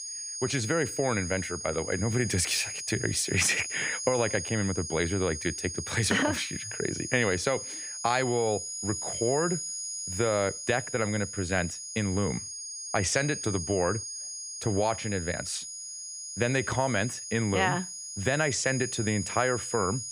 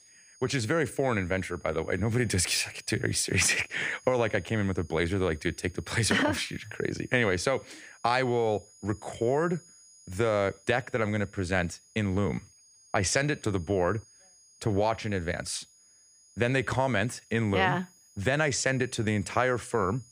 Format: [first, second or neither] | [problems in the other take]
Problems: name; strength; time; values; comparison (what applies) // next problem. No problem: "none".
second | high-pitched whine; loud; throughout; 6.5 kHz, 6 dB below the speech; faint in the second